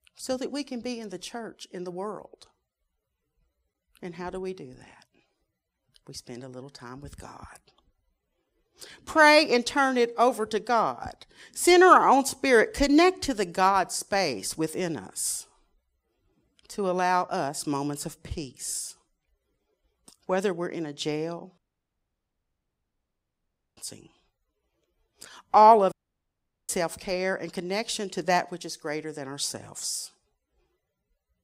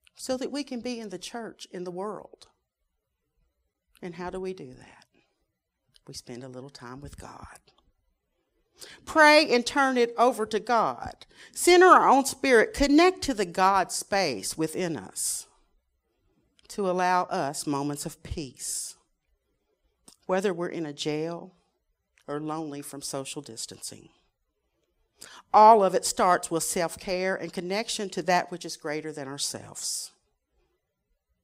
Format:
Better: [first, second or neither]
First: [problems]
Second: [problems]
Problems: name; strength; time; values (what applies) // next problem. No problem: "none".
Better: second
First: audio cutting out; at 22 s for 2 s and at 26 s for 1 s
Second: none